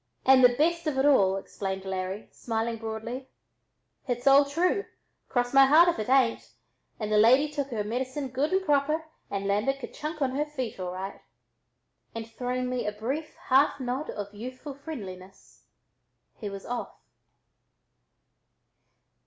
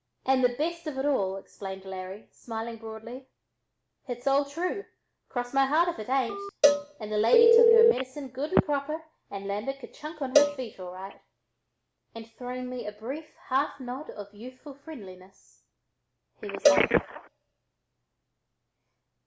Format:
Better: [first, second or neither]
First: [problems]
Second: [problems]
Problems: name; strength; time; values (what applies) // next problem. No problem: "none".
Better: first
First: none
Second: background sound (Telephone + Cowbell); 1 dB above the speech